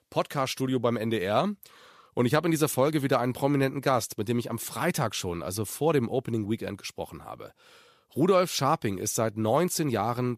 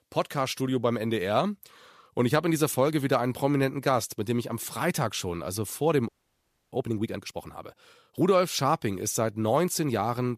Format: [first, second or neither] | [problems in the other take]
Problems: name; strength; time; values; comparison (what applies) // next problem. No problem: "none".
first | audio freezing; at 6 s for 0.5 s